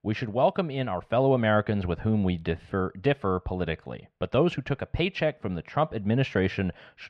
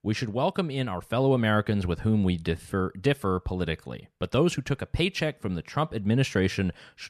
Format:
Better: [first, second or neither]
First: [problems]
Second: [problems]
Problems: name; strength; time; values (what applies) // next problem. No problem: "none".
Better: second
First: muffled; slightly; fading above 2.5 kHz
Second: none